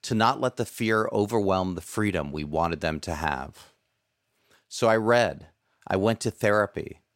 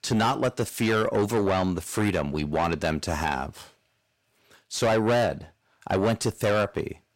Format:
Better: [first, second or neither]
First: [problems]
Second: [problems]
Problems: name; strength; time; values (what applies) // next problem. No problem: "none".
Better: first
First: none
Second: distortion; heavy; 7 dB below the speech